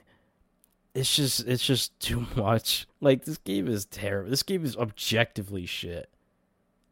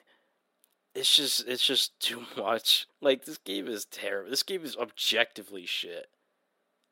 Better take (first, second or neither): first